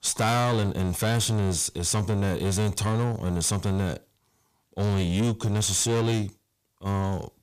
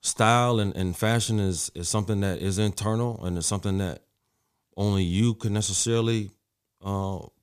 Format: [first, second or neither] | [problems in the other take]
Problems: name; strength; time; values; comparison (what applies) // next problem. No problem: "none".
second | distortion; heavy; 8 dB below the speech